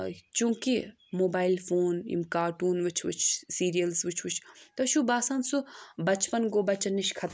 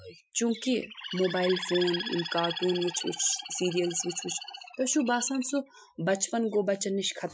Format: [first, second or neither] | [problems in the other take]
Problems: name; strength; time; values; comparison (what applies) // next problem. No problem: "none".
first | noise reduction (classical method Wiener filter)